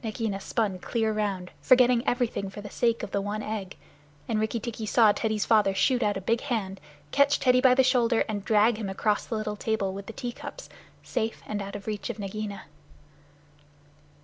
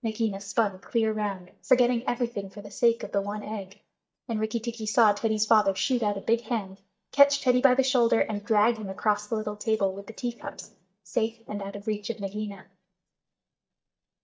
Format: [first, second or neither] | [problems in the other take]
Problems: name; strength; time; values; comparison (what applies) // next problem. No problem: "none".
first | noise reduction (neural mask model DeepFilterNet 3)